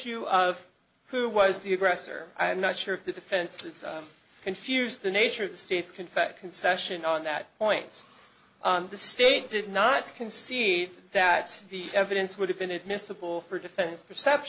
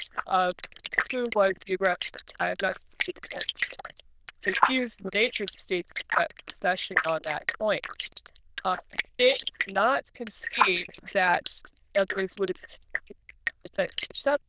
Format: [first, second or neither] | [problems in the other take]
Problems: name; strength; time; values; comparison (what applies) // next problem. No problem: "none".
first | noise reduction (neural diffusion model UNIVERSE++)